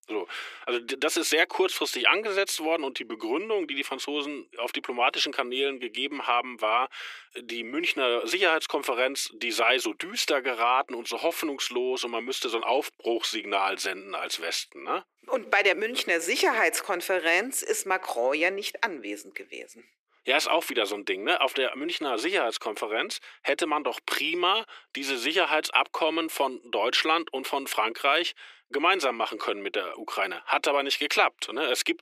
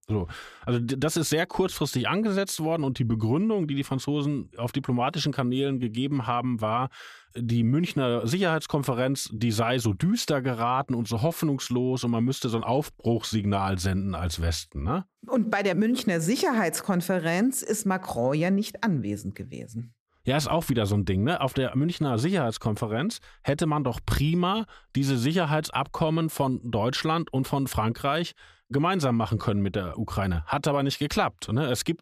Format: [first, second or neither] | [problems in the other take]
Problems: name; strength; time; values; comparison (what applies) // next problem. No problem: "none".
second | thin; very; fading below 350 Hz